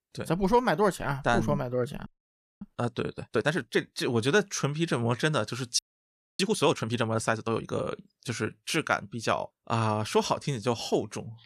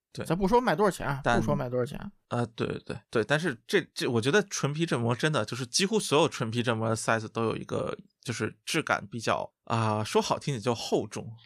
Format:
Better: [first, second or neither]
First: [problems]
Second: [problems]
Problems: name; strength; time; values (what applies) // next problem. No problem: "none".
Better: second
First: audio freezing; at 2 s for 0.5 s and at 6 s for 0.5 s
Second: none